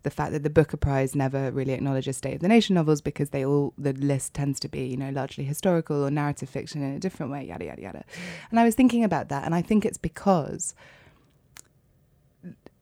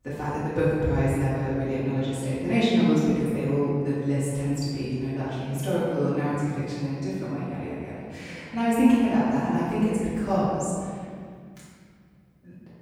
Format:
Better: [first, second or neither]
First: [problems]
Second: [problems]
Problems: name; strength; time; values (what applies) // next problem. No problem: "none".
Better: first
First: none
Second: room echo; strong; dies away in 2 s // off-mic speech; far